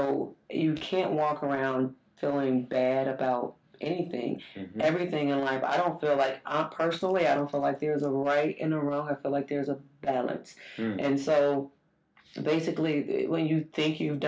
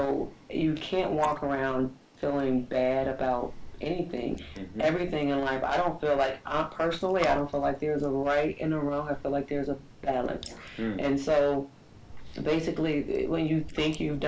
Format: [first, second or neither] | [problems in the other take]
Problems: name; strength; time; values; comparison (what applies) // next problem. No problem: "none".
first | noise reduction (neural mask model Resemble Enhance denoiser)